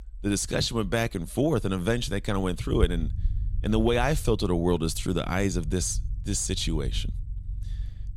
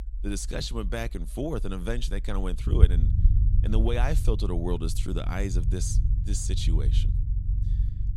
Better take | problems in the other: first | low rumble; loud; throughout; 9 dB below the speech; faint in the first

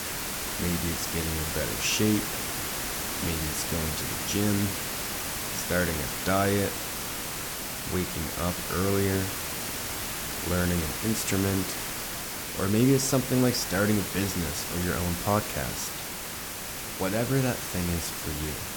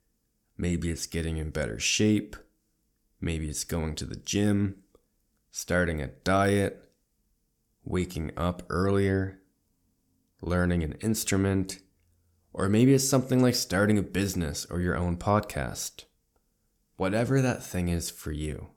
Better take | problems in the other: second | hiss; loud; throughout; 2 dB below the speech

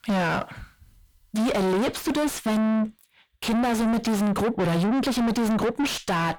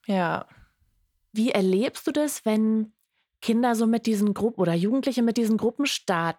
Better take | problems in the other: second | distortion; heavy; 4 dB below the speech

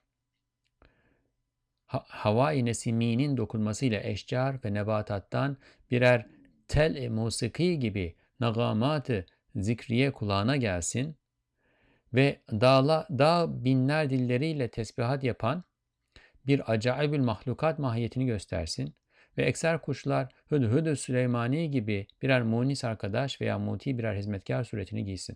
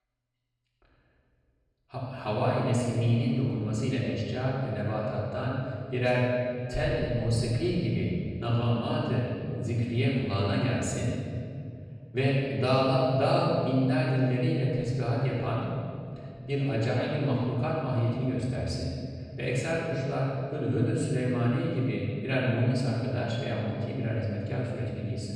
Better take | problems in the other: first | room echo; strong; dies away in 2.4 s // off-mic speech; far

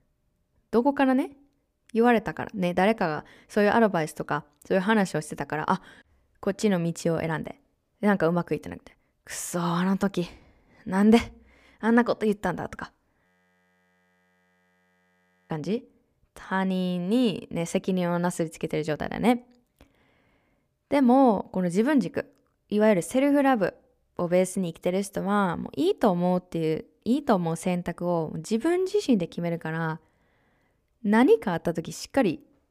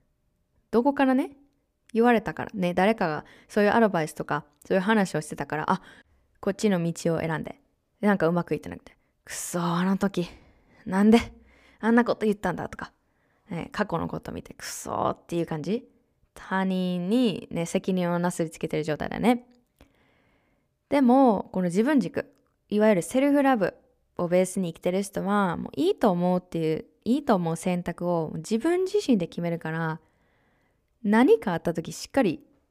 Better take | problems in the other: second | audio freezing; at 13 s for 2.5 s

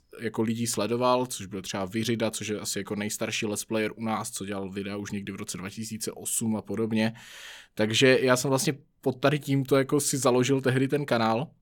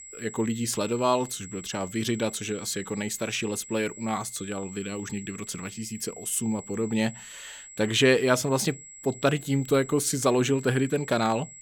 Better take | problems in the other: first | high-pitched whine; noticeable; throughout; 7.5 kHz, 15 dB below the speech

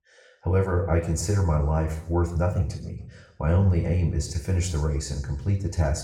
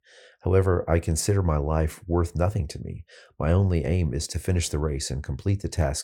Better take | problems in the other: second | room echo; slight; dies away in 0.6 s // off-mic speech; somewhat distant

